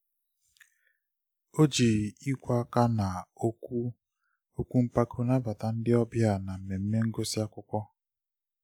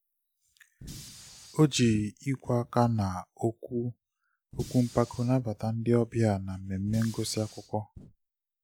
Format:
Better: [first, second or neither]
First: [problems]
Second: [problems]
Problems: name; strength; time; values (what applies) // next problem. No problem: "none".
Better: first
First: none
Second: background sound (Fire); 19 dB below the speech